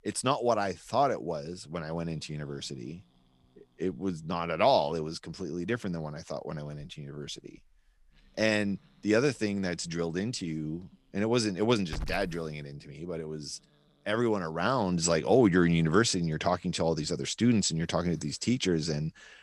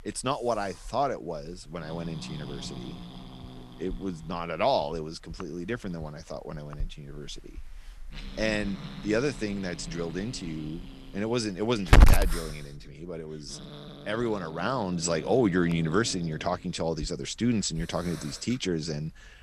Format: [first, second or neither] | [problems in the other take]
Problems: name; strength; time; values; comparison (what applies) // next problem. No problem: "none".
first | hiss; loud; throughout; 1 dB below the speech; faint in the first